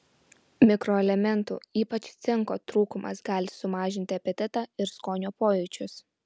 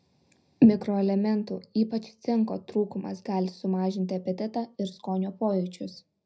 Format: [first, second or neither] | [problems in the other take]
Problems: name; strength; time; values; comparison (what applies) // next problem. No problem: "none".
first | room echo; dies away in 0.3 s